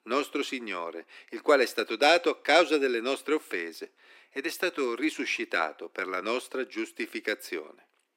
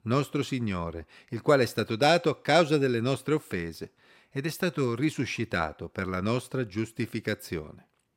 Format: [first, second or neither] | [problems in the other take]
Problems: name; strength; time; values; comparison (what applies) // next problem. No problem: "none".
second | thin; somewhat; fading below 300 Hz